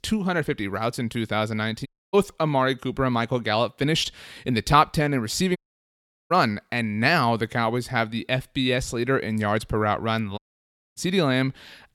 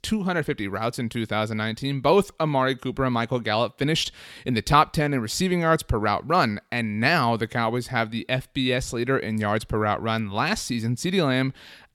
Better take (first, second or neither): second